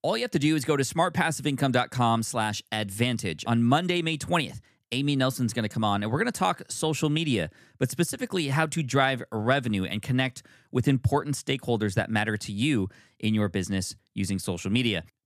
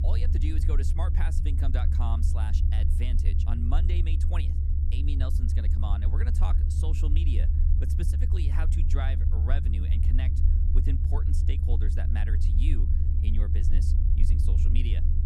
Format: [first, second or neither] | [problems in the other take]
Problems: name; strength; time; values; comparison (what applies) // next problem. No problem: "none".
first | low rumble; loud; throughout; 1 dB below the speech